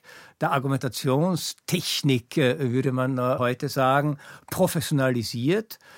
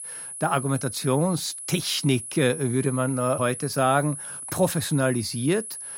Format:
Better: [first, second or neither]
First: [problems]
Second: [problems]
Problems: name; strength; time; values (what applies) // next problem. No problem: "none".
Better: first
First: none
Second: high-pitched whine; loud; throughout; 10.5 kHz, 9 dB below the speech